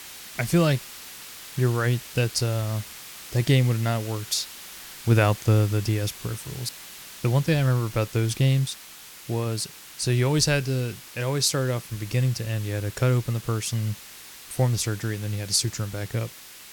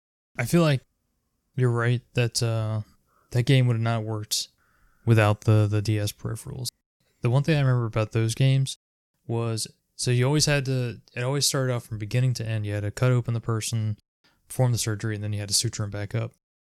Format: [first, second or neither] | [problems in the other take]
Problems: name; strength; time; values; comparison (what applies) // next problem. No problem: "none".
second | hiss; noticeable; throughout; 15 dB below the speech